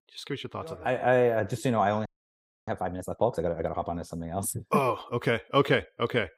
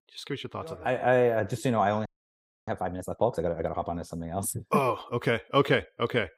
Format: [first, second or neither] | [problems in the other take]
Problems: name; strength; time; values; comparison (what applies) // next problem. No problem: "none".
neither | audio freezing; at 2 s for 0.5 s; the same in both